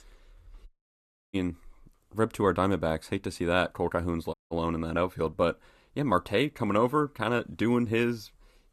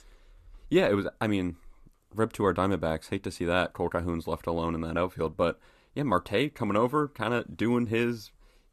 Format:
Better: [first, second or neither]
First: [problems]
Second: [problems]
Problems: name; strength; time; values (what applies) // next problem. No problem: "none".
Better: second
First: audio cutting out; at 0.5 s for 0.5 s and at 4.5 s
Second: none